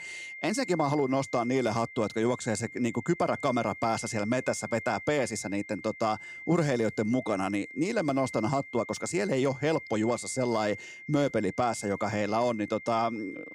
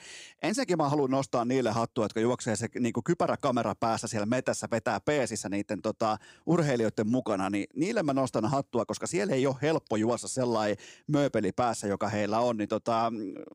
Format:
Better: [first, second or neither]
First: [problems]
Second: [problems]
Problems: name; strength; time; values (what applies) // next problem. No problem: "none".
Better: second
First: high-pitched whine; noticeable; throughout; 2 kHz, 15 dB below the speech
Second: none